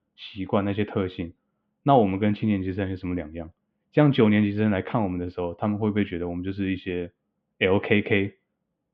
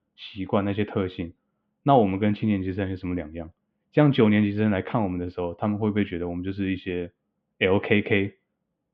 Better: neither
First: muffled; very; fading above 3 kHz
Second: muffled; very; fading above 3 kHz

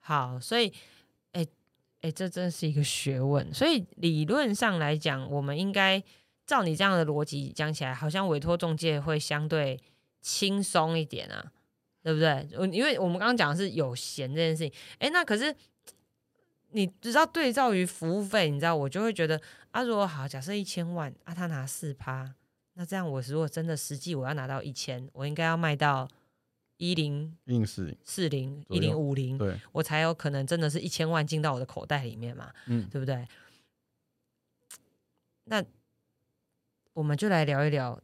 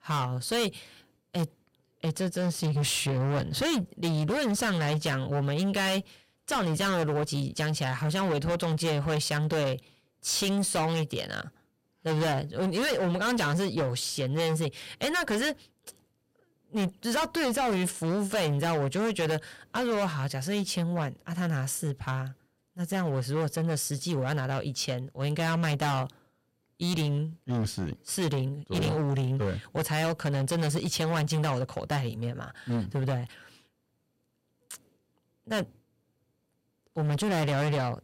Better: first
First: none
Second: distortion; heavy; 19% of the sound clipped

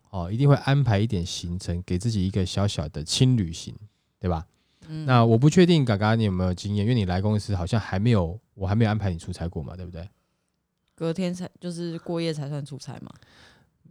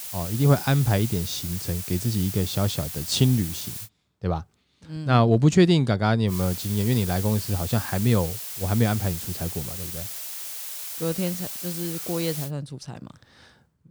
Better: first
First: none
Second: hiss; loud; until 4 s and from 6.5 to 12 s; 8 dB below the speech

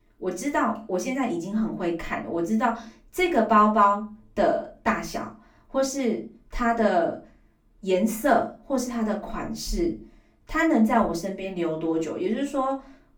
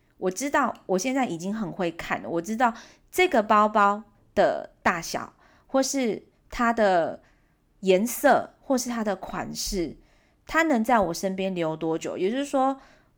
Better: second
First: off-mic speech; far // room echo; very slight; dies away in 0.3 s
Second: none

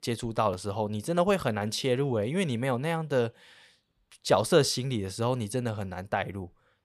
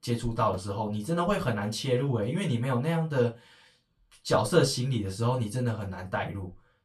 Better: first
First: none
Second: off-mic speech; far // room echo; very slight; dies away in 0.2 s

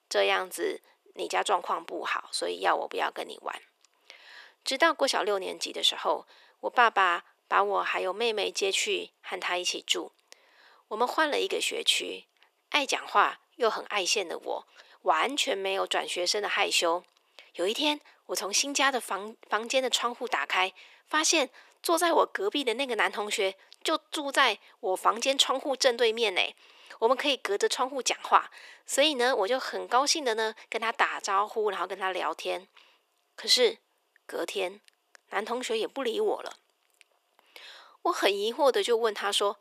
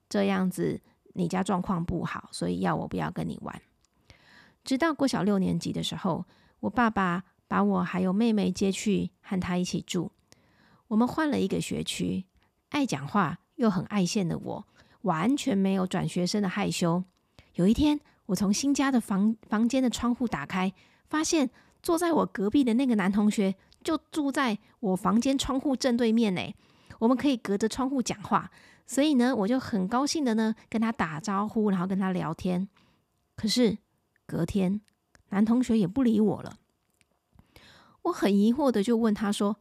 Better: second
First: thin; very; fading below 400 Hz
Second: none

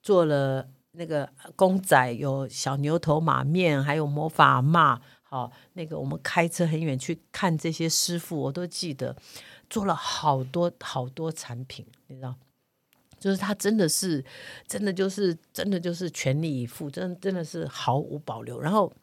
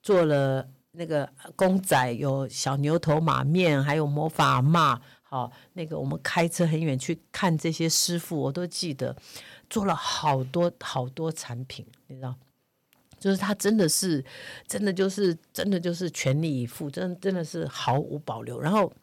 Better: first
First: none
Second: distortion; slight; 1.9% of the sound clipped

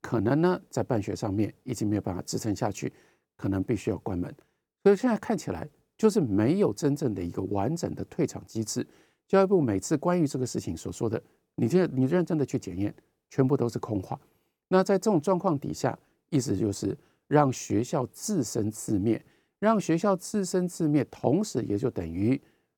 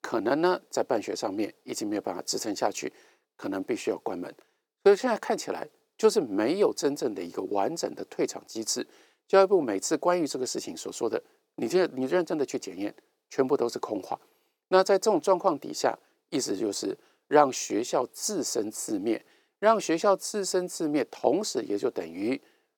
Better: first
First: none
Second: thin; somewhat; fading below 450 Hz

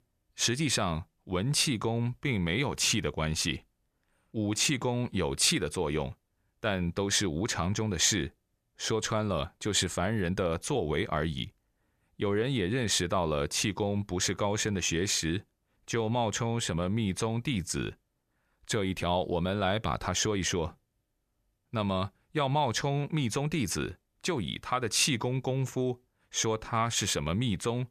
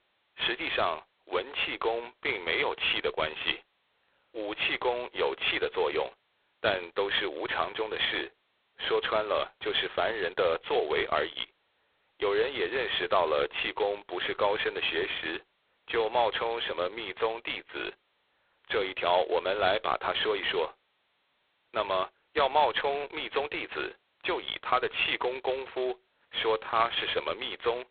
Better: first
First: none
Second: phone-call audio; poor line

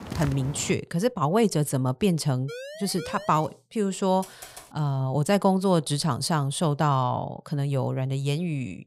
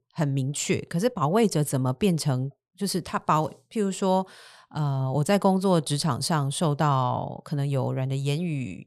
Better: second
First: footsteps; noticeable; at the start; peak 8 dB below the speech // siren; faint; at 2.5 s; peak 10 dB below the speech // keyboard typing; faint; at 4 s; peak 15 dB below the speech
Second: none

